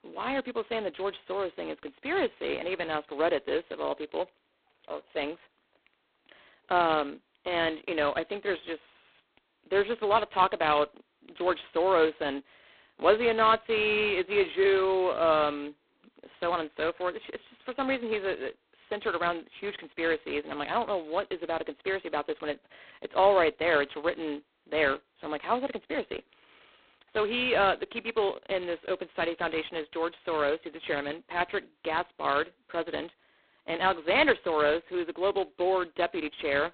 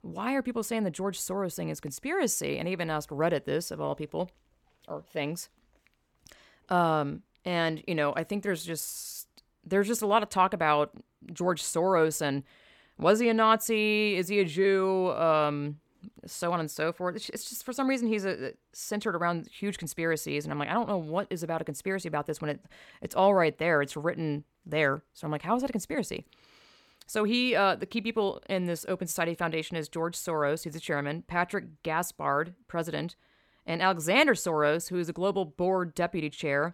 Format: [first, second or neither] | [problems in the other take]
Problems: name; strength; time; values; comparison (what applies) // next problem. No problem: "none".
second | phone-call audio; poor line; nothing above 4 kHz